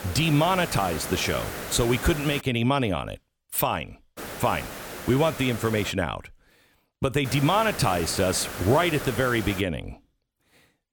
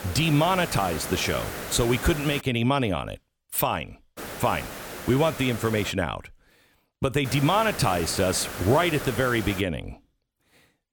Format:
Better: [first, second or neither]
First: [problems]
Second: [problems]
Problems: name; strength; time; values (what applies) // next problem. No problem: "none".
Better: neither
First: hiss; loud; until 2.5 s, from 4 to 6 s and from 7.5 to 9.5 s; 10 dB below the speech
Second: hiss; loud; until 2.5 s, from 4 to 6 s and from 7.5 to 9.5 s; 10 dB below the speech